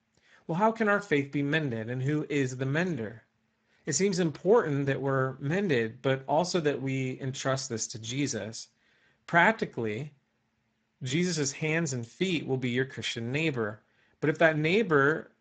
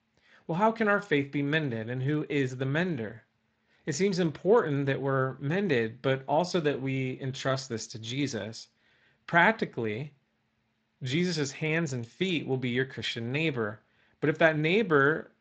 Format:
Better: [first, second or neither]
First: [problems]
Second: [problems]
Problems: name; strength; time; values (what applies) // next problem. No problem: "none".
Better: second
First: garbled, watery; badly; nothing above 7.5 kHz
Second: garbled, watery; slightly; nothing above 7.5 kHz